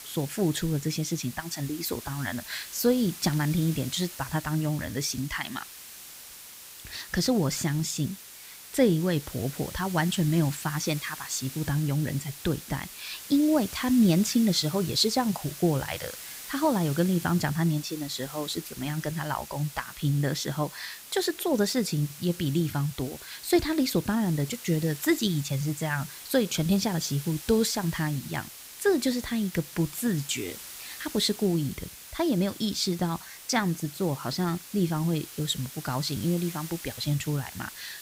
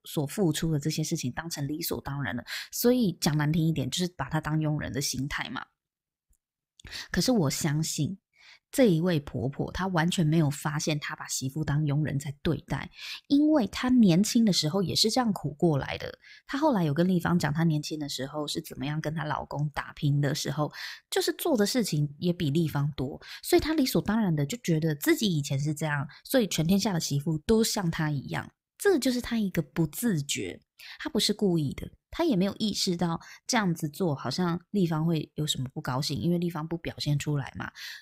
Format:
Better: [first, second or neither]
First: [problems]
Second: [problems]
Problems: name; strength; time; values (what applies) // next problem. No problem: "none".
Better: second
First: hiss; noticeable; throughout; 15 dB below the speech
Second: none